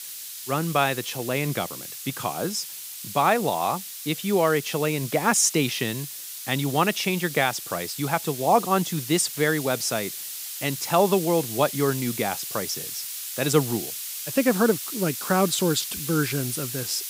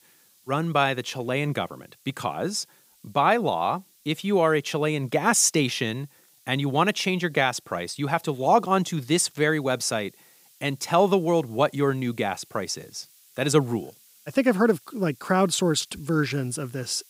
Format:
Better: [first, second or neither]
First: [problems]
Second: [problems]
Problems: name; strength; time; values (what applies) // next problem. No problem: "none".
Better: second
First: hiss; loud; throughout; 7 dB below the speech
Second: hiss; faint; throughout; 30 dB below the speech